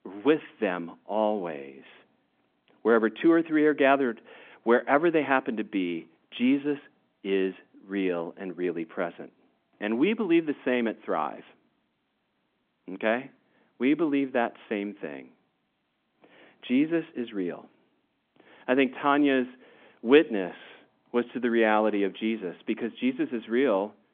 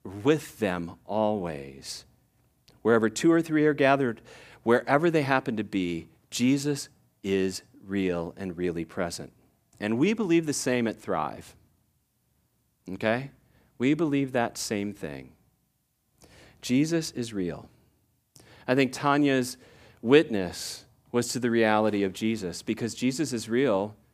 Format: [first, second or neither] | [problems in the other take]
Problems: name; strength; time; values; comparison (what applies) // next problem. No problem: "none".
second | phone-call audio; nothing above 3.5 kHz